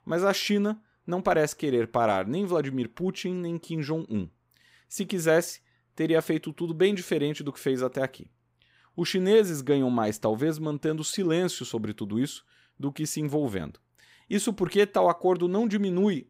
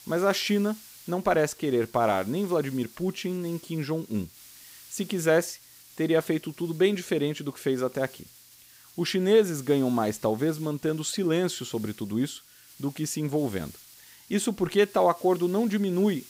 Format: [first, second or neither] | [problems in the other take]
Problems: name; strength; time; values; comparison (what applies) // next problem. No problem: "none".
first | hiss; faint; throughout; 20 dB below the speech